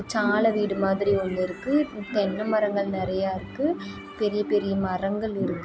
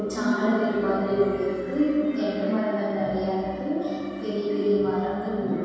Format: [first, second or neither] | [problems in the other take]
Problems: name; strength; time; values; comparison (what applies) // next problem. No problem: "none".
first | room echo; dies away in 2.1 s